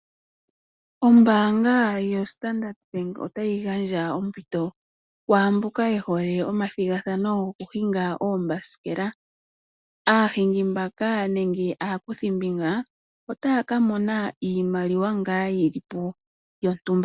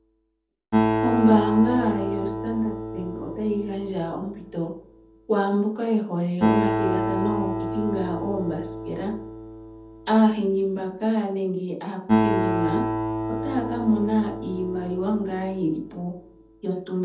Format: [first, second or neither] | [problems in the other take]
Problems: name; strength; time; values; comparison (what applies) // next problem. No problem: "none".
first | background sound (Acoustic guitar); 3 dB below the speech // room echo; dies away in 0.6 s